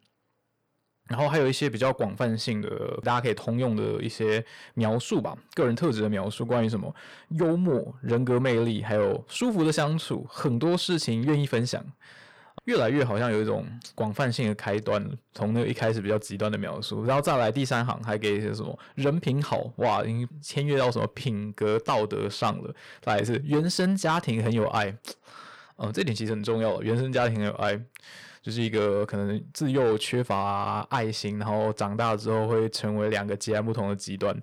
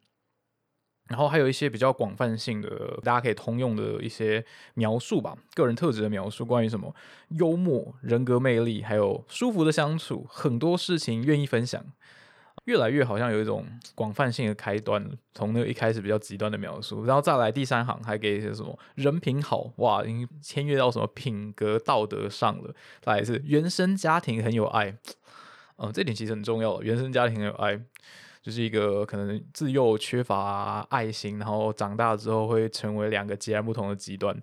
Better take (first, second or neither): second